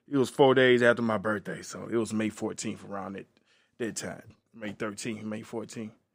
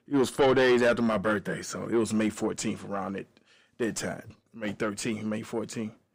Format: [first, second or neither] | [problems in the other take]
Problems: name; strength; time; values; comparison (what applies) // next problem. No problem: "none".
first | distortion; heavy; 7 dB below the speech